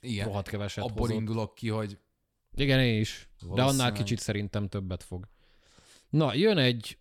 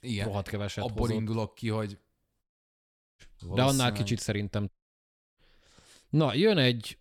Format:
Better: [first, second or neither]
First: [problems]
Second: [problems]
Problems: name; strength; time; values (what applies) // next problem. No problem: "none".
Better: first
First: none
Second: audio cutting out; at 2.5 s for 1 s and at 4.5 s for 0.5 s